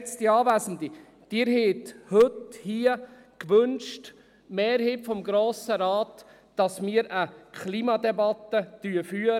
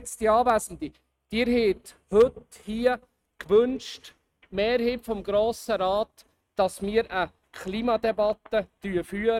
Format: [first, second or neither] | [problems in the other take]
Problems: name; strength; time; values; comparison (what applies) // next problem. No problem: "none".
first | noise reduction (neural mask model RNNoise)